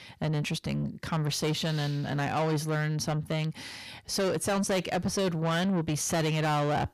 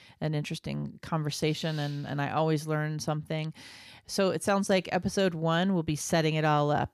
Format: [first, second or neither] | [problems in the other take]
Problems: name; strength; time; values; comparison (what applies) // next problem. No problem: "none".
second | distortion; heavy; 8 dB below the speech